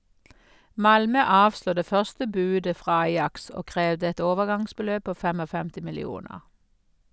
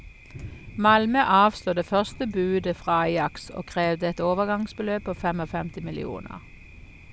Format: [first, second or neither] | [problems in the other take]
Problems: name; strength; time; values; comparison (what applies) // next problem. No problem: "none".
first | background sound (Thunder); 18 dB below the speech